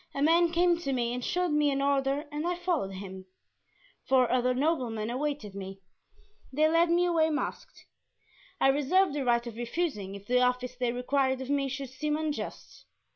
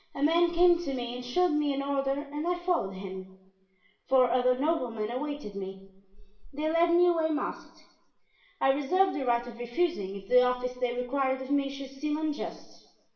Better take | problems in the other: first | room echo; dies away in 0.8 s

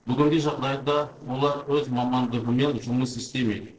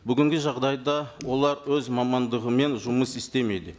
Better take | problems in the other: second | noise reduction (neural separator model SepFormer DNS4)

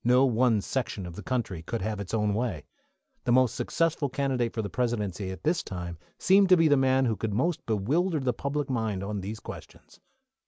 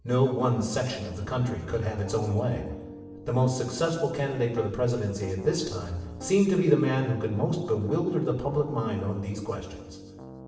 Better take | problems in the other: first | background sound (Piano); 15 dB below the speech // room echo; dies away in 1 s

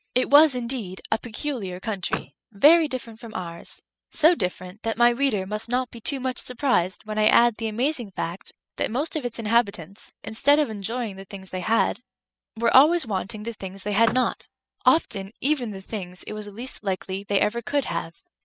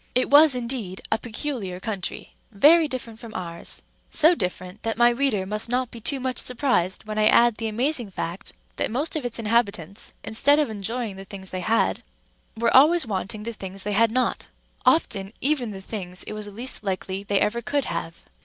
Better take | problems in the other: second | noise reduction (classical method spectral subtraction)

